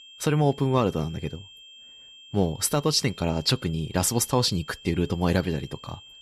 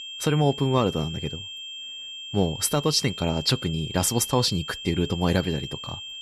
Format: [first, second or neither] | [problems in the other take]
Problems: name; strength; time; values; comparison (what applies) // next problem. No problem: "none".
first | high-pitched whine; loud; throughout; 3 kHz, 10 dB below the speech; faint in the first